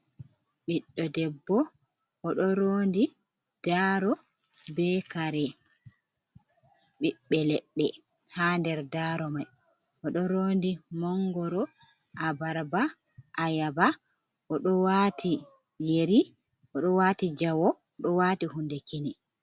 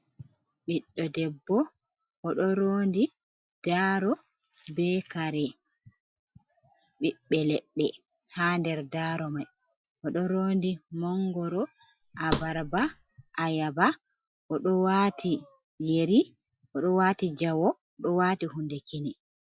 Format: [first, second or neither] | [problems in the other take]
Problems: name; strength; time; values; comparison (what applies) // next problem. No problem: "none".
first | noise reduction (classical method Wiener filter)